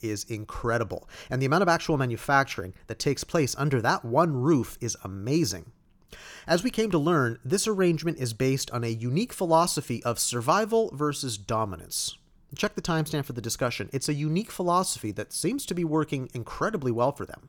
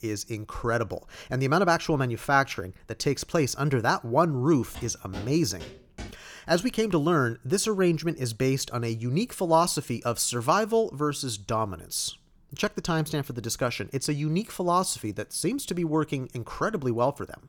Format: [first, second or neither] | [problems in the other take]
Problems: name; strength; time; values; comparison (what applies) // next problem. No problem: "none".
first | footsteps; faint; from 4.5 to 6 s; peak 15 dB below the speech